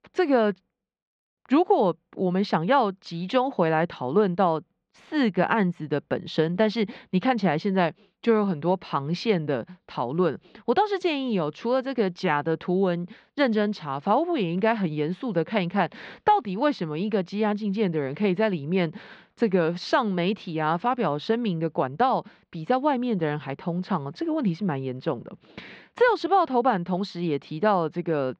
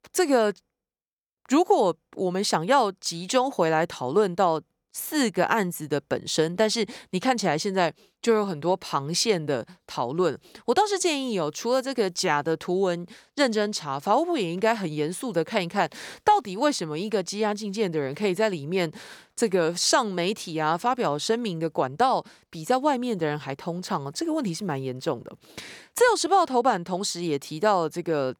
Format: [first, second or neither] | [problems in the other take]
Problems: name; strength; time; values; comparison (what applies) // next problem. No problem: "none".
second | muffled; slightly; fading above 3.5 kHz